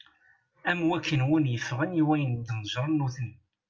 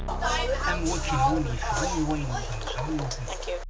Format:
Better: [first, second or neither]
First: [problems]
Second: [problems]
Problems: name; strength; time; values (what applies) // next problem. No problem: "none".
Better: first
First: none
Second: background sound (Bus + Keyboard (musical)); 3 dB above the speech